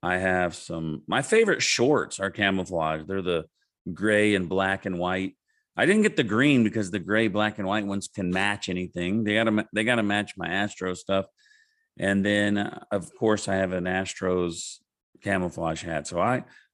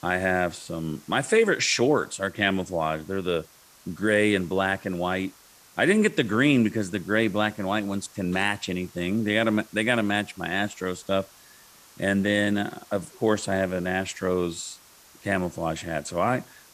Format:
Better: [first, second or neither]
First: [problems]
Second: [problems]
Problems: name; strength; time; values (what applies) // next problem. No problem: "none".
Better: first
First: none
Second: hiss; faint; throughout; 25 dB below the speech